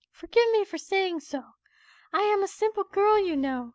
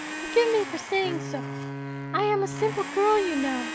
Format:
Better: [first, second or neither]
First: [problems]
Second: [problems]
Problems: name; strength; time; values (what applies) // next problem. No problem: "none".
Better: first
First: none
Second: background sound (Domestic sounds, home sounds + Wind instrument, woodwind instrument); 7 dB below the speech